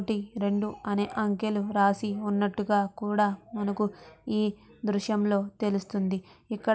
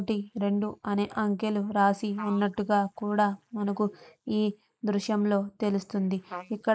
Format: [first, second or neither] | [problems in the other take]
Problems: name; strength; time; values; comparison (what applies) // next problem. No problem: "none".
first | noise reduction (neural mask model Resemble Enhance denoiser)